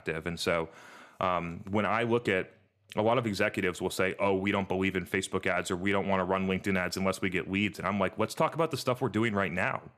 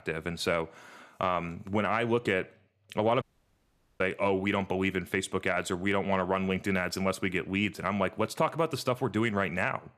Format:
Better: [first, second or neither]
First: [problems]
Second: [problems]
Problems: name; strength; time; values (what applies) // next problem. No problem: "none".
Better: first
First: none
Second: audio cutting out; at 3 s for 1 s